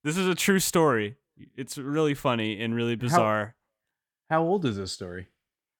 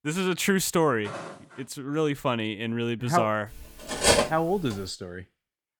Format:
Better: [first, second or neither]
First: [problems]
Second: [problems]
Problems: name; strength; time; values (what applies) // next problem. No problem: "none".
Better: first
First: none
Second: footsteps; faint; at 1 s; peak 10 dB below the speech // clattering dishes; loud; at 4 s; peak 6 dB above the speech